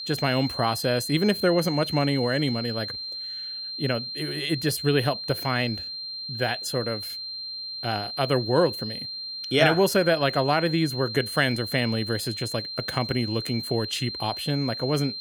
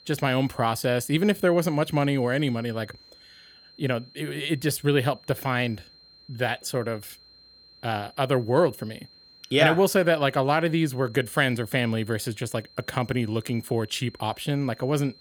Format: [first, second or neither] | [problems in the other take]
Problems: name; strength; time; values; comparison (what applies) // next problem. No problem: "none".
second | high-pitched whine; loud; throughout; 4 kHz, 6 dB below the speech; faint in the second